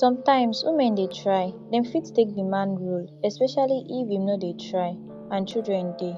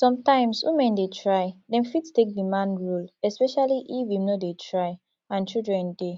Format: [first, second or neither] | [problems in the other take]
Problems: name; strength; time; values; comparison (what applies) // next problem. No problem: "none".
second | background sound (Piano); 16 dB below the speech